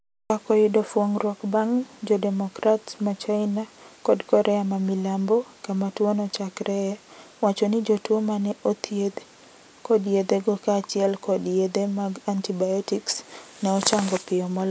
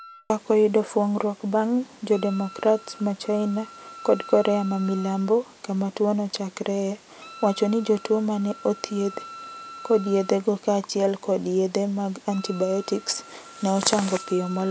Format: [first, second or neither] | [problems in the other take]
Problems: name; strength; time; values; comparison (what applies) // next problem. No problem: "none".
first | background sound (Wind instrument, woodwind instrument); 20 dB below the speech